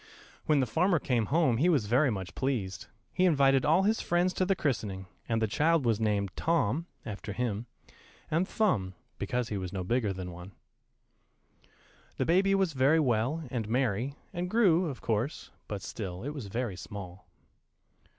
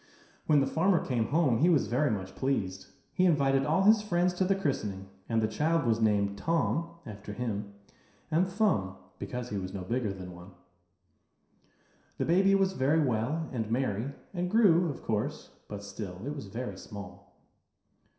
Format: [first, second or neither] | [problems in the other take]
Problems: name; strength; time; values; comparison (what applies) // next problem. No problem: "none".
first | room echo; dies away in 0.7 s